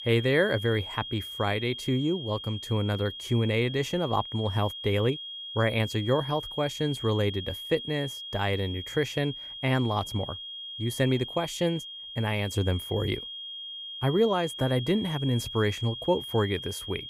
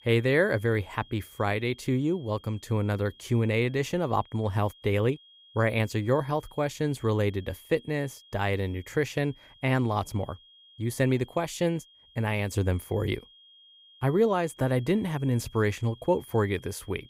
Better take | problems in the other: second | high-pitched whine; loud; throughout; 3.5 kHz, 8 dB below the speech; faint in the second

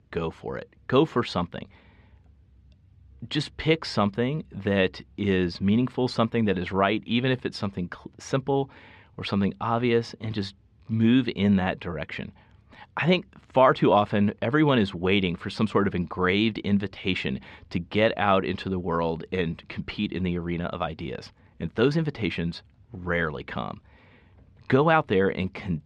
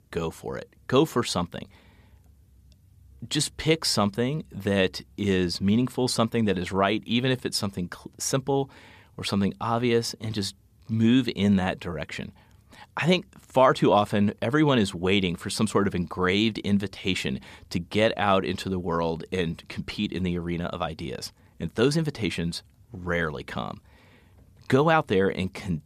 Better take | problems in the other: second | muffled; slightly; fading above 3 kHz

